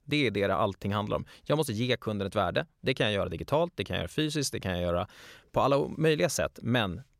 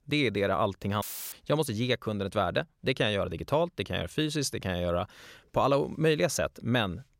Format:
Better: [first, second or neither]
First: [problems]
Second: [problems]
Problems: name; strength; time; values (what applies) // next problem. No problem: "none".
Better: first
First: none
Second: audio cutting out; filled with static; at 1 s